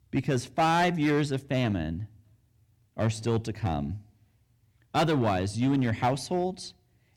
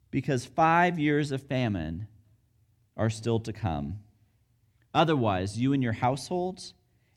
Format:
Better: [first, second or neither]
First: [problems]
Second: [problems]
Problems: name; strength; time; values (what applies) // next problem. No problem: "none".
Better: second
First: distortion; slight; 5% of the sound clipped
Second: none